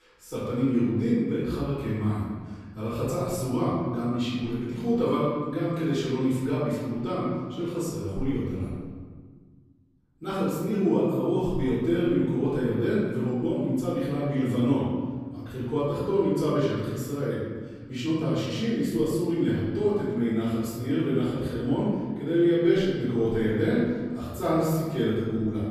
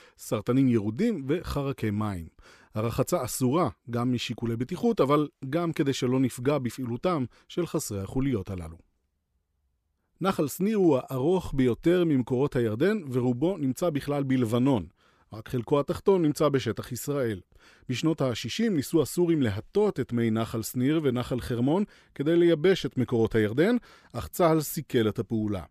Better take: second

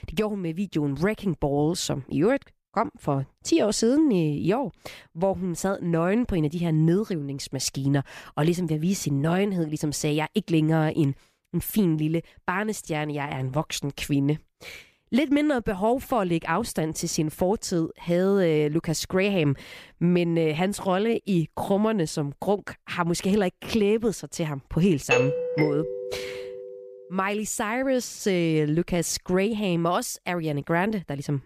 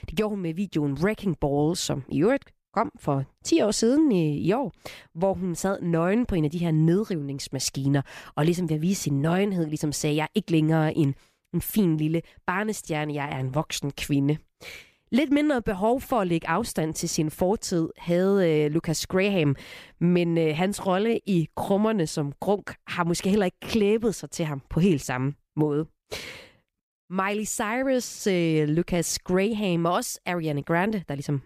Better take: second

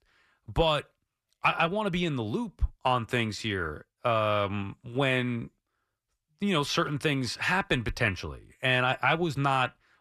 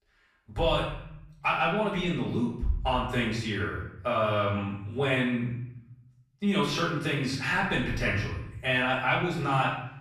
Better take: first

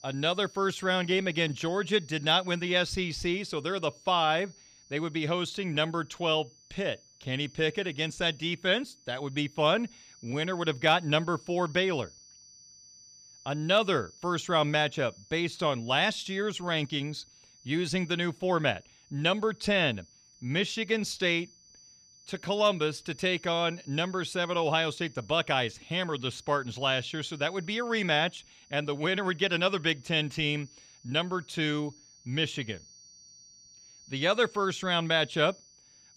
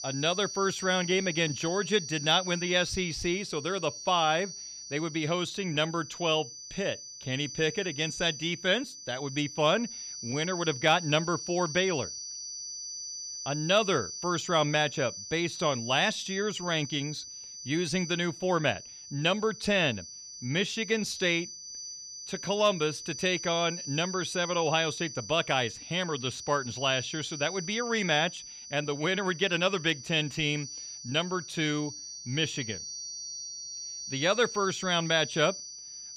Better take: first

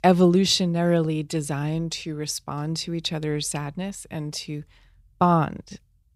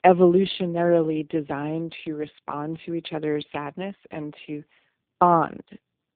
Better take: first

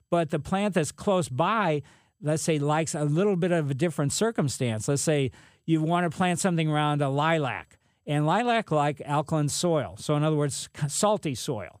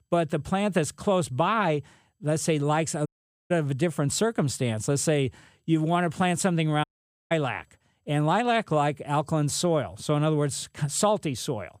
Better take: first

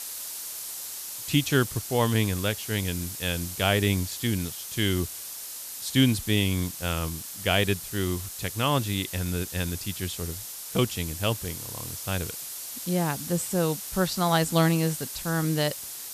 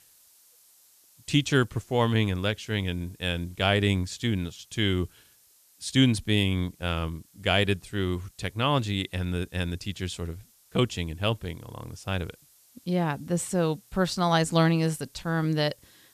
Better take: second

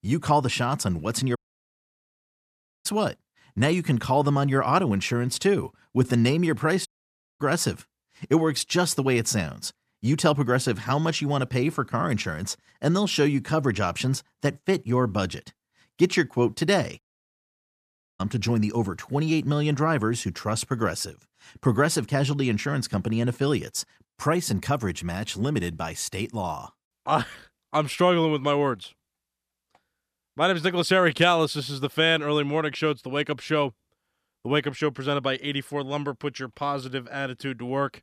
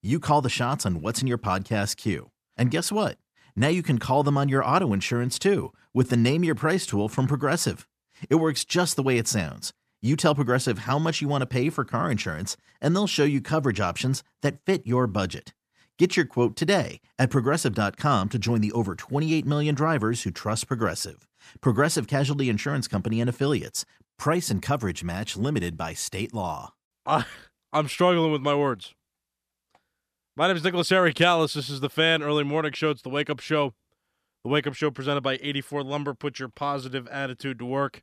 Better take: second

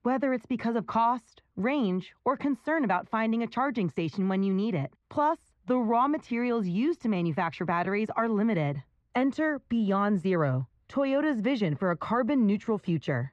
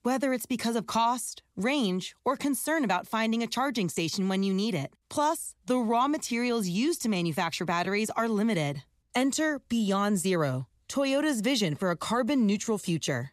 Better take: second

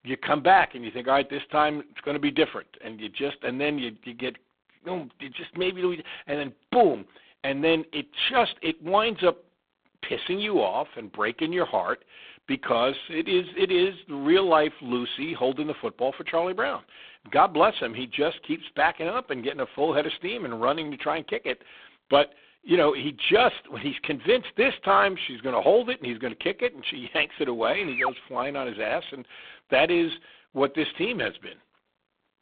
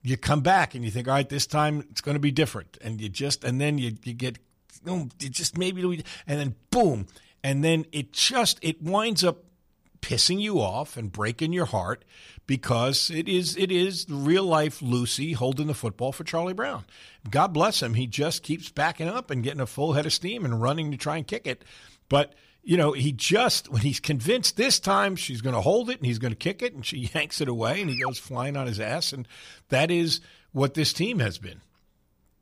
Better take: second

